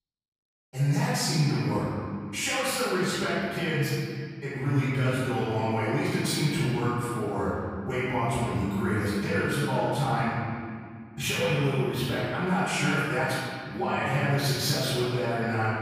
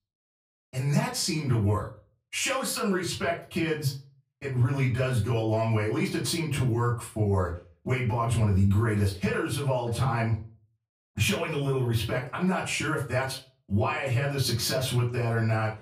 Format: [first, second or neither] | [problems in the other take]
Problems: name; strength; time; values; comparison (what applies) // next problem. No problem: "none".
second | room echo; strong; dies away in 2.1 s; slight in the second // off-mic speech; far; far in the second